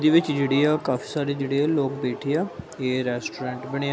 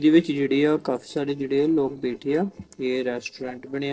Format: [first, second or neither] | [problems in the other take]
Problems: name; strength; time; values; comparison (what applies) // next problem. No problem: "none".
first | noise reduction (neural separator model SepFormer DNS4)